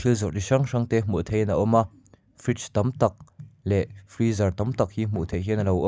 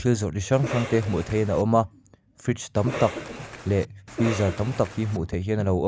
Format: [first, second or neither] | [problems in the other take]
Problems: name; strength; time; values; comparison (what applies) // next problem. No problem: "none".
first | background sound (Cough); 10 dB below the speech